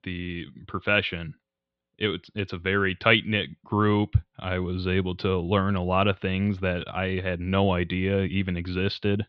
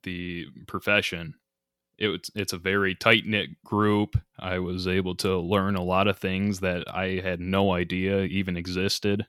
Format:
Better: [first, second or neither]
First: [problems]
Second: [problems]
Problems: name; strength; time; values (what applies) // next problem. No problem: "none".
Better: second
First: muffled; slightly; fading above 3.5 kHz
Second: none